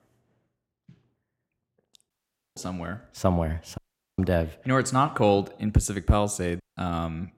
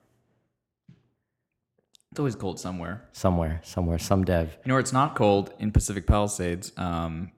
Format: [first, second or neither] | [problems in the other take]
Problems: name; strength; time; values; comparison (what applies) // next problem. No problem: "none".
second | audio cutting out; at 2 s, at 4 s and at 6.5 s